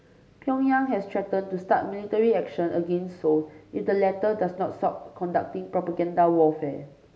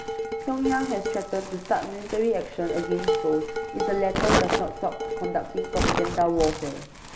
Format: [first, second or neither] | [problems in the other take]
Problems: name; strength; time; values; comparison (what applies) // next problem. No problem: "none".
first | background sound (Crumpling, crinkling + Dishes, pots, and pans); 1 dB below the speech